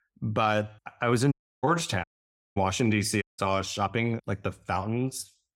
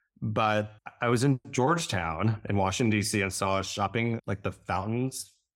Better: second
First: audio cutting out; at 1.5 s, at 2 s for 0.5 s and at 3 s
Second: none

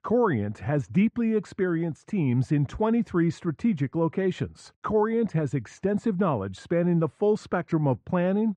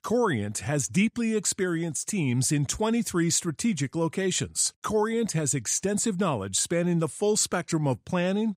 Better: second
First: muffled; very; fading above 1.5 kHz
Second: none

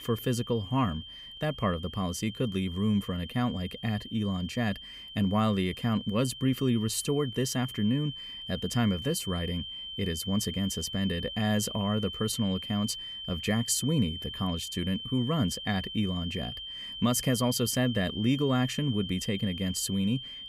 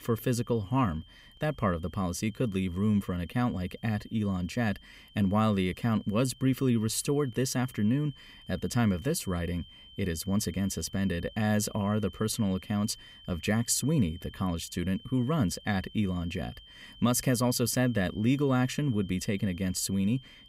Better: second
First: high-pitched whine; loud; throughout; 3 kHz, 9 dB below the speech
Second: high-pitched whine; faint; throughout; 3 kHz, 20 dB below the speech

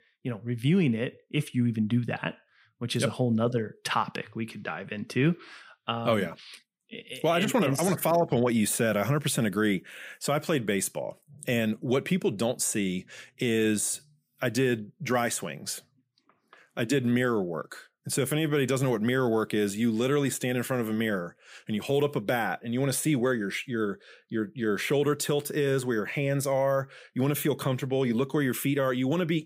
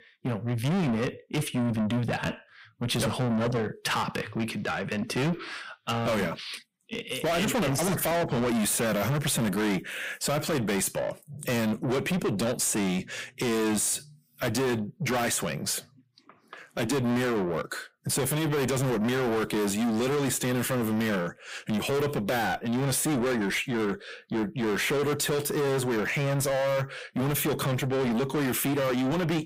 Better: first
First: none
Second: distortion; heavy; 6 dB below the speech

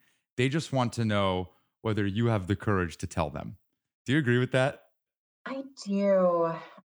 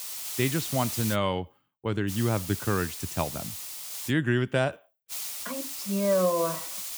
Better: first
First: none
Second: hiss; loud; until 1 s, from 2 to 4 s and from 5 s on; 6 dB below the speech

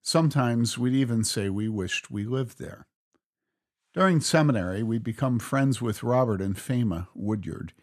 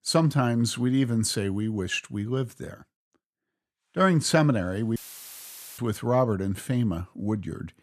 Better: first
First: none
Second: audio cutting out; filled with static; at 5 s for 1 s

